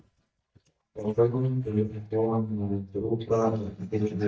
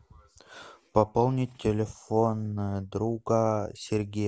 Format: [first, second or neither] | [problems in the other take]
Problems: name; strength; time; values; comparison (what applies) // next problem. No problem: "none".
second | noise reduction (neural mask model DeepFilterNet 3)